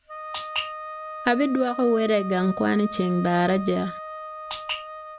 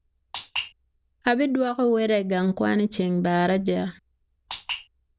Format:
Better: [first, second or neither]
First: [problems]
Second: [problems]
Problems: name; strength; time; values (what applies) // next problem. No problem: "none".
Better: second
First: background sound (Wind instrument, woodwind instrument); 11 dB below the speech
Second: none